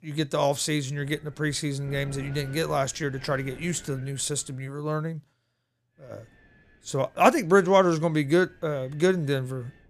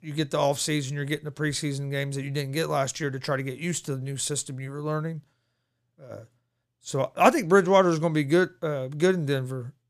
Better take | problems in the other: second | wind noise on the microphone; occasional gusts; from 1 to 4.5 s and from 6 s on; 25 dB below the speech

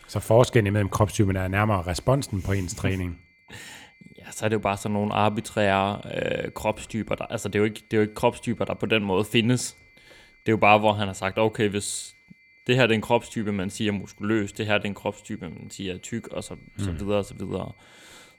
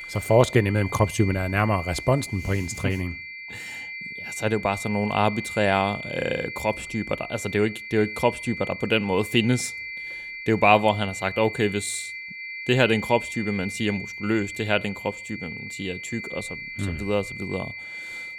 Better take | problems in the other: first | high-pitched whine; loud; throughout; 2 kHz, 9 dB below the speech; faint in the first

